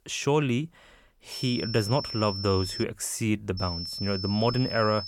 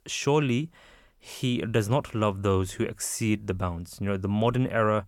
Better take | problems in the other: second | high-pitched whine; loud; from 1.5 to 3 s and from 3.5 s on; 5.5 kHz, 7 dB below the speech

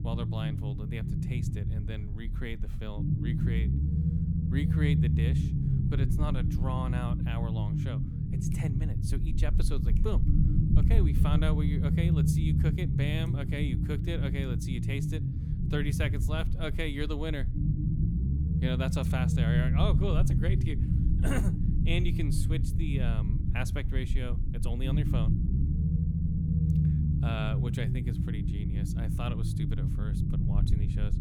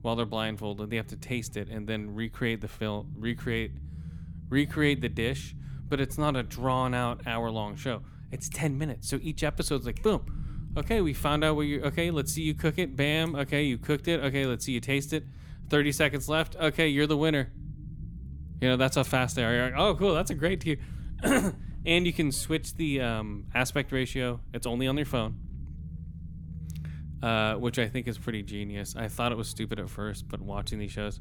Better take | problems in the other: second | low rumble; loud; throughout; 1 dB below the speech; faint in the second

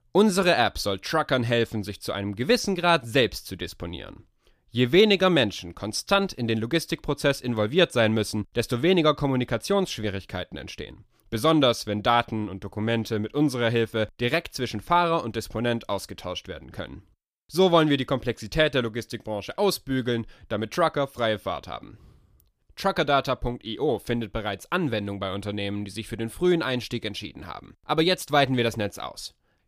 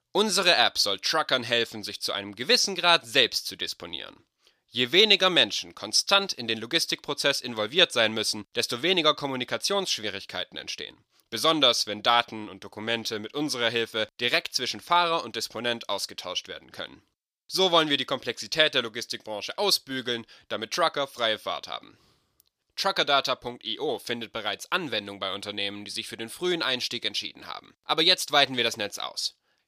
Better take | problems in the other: first | thin; somewhat; fading below 650 Hz

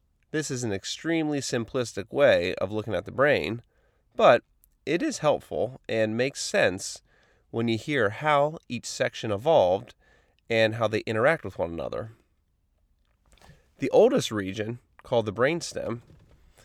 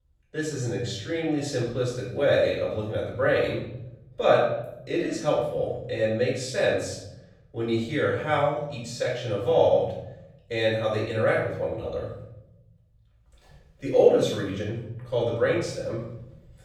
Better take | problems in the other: first | off-mic speech; far // room echo; noticeable; dies away in 1 s

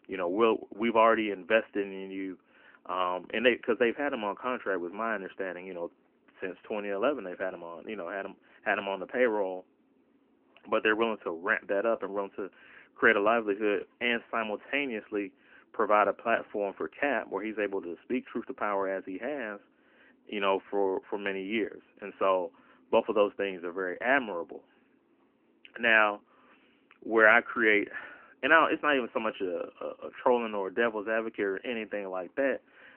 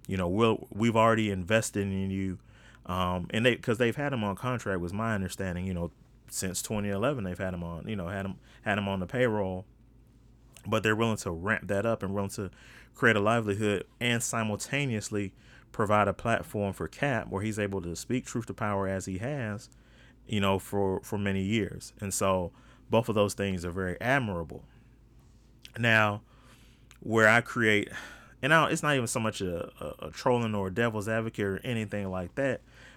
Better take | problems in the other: second | phone-call audio; nothing above 3 kHz

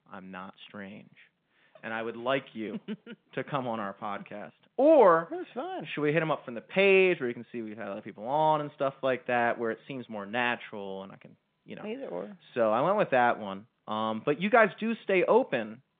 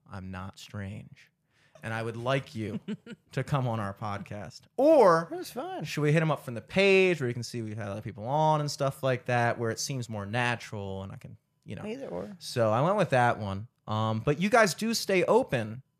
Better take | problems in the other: second | phone-call audio; nothing above 3.5 kHz

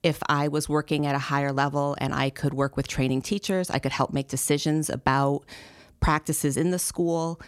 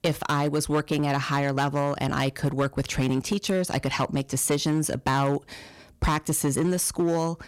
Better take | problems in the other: first | distortion; slight; 9% of the sound clipped

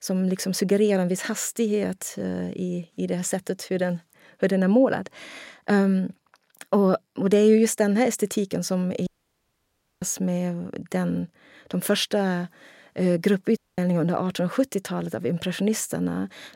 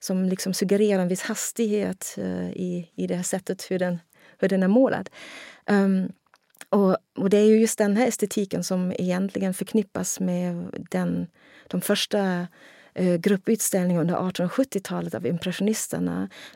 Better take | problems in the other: second | audio cutting out; at 9 s for 1 s and at 14 s

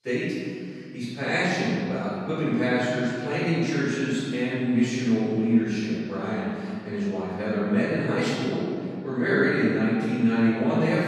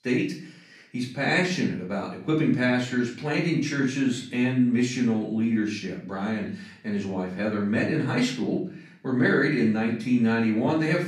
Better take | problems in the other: second | room echo; strong; dies away in 2.2 s; slight in the second // off-mic speech; far; far in the second

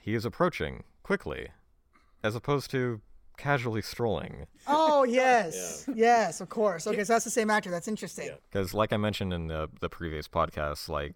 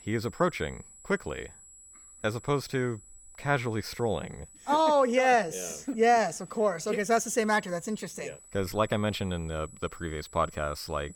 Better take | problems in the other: first | high-pitched whine; faint; throughout; 8 kHz, 20 dB below the speech

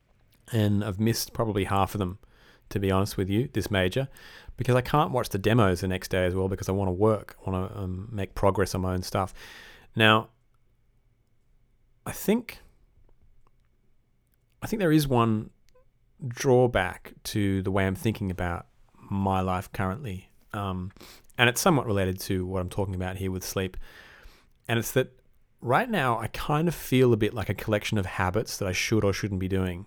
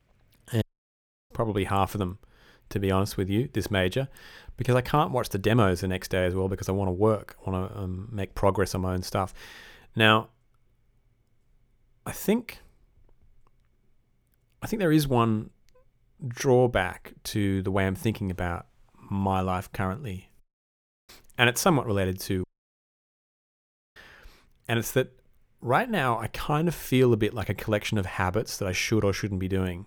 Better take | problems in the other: first | audio cutting out; at 0.5 s for 0.5 s, at 20 s for 0.5 s and at 22 s for 1.5 s

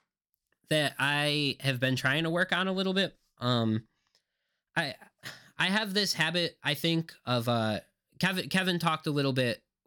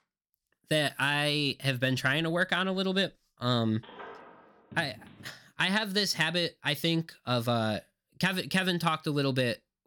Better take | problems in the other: first | phone ringing; faint; from 4 to 5.5 s; peak 15 dB below the speech

